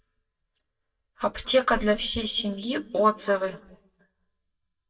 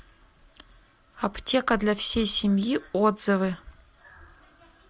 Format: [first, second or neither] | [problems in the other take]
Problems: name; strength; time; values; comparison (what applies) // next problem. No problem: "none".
second | noise reduction (neural mask model DeepFilterNet 3)